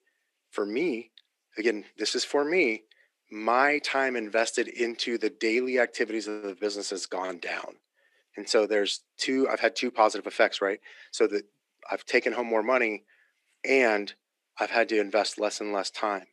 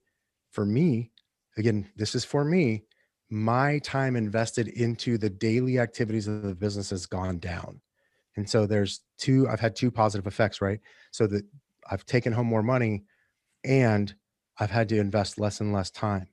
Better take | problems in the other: second | thin; somewhat; fading below 300 Hz

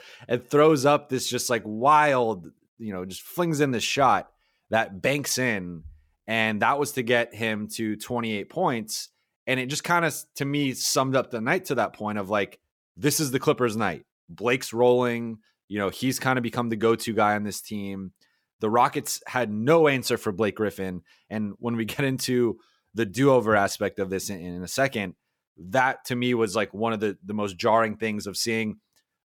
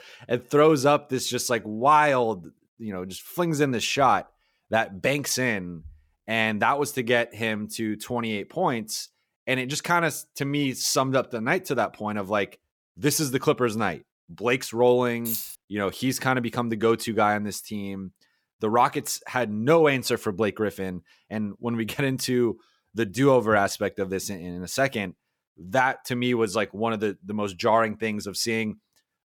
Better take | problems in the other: first | jangling keys; noticeable; at 15 s; peak 4 dB below the speech

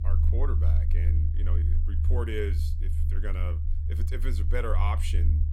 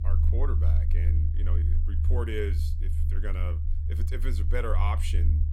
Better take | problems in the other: neither | low rumble; loud; throughout; 7 dB below the speech; the same in both

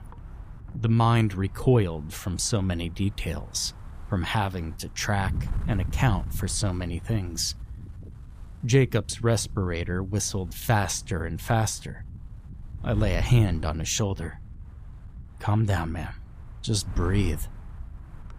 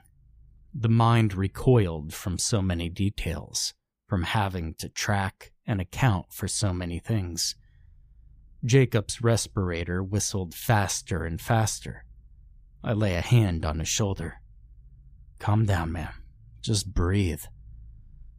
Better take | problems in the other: second | wind noise on the microphone; occasional gusts; 20 dB below the speech

